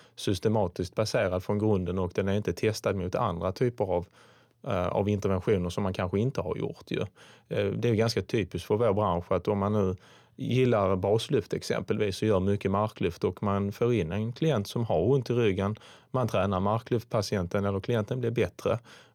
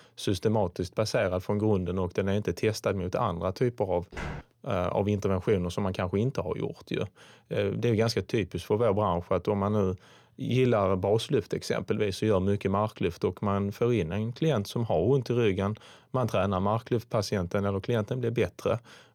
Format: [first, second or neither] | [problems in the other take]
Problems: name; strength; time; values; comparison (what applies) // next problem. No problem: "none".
first | footsteps; noticeable; at 4 s; peak 10 dB below the speech